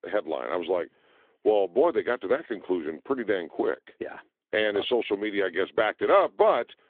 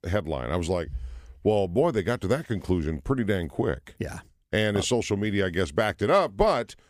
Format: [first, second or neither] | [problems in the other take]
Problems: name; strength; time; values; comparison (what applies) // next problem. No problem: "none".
second | phone-call audio